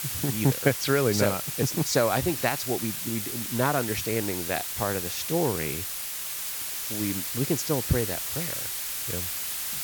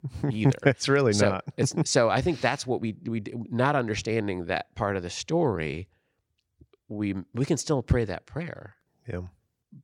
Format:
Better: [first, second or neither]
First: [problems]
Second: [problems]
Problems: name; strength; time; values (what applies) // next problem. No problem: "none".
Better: second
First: hiss; loud; throughout; 2 dB below the speech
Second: none